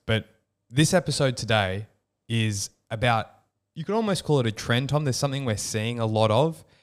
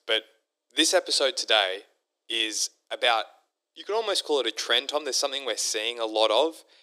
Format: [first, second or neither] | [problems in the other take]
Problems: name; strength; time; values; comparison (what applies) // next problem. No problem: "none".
first | thin; very; fading below 300 Hz